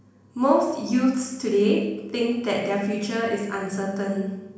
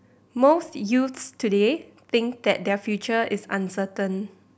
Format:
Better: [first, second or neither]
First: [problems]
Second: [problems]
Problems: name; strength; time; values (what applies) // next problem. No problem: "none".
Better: second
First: room echo; dies away in 1 s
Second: none